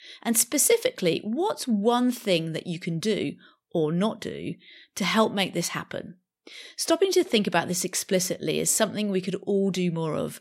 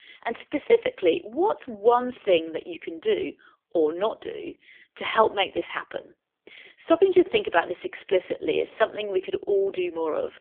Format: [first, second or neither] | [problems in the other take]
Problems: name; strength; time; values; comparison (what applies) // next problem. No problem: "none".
first | phone-call audio; poor line; nothing above 3.5 kHz